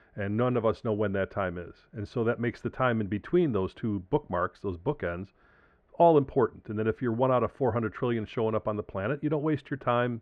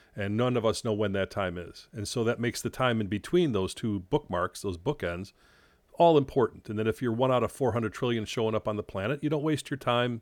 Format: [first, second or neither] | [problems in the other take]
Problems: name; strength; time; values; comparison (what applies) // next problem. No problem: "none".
second | muffled; very; fading above 1.5 kHz